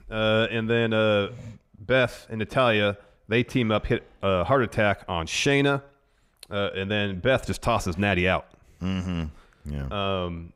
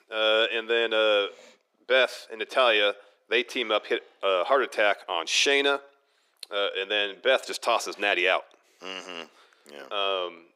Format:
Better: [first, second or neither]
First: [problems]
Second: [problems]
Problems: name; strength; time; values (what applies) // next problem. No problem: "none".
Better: first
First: none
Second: thin; very; fading below 350 Hz